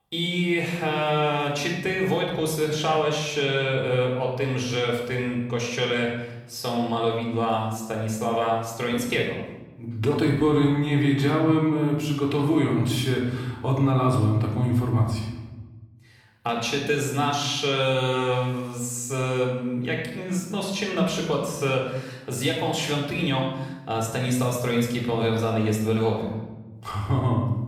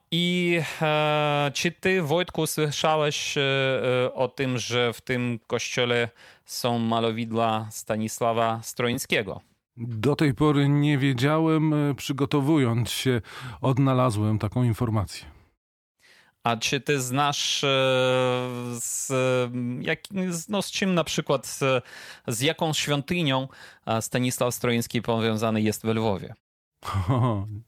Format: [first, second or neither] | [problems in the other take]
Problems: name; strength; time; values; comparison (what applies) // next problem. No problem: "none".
second | off-mic speech; far // room echo; noticeable; dies away in 1 s